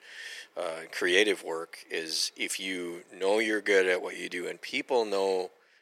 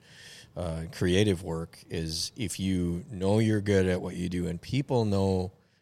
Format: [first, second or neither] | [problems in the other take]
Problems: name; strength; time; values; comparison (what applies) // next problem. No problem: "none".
second | thin; very; fading below 350 Hz